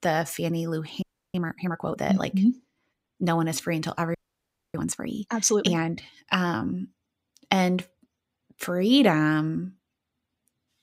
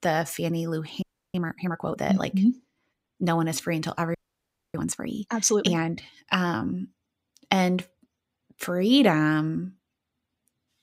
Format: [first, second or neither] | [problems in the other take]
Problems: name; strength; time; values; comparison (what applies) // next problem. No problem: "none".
neither | audio freezing; at 1 s and at 4 s for 0.5 s; the same in both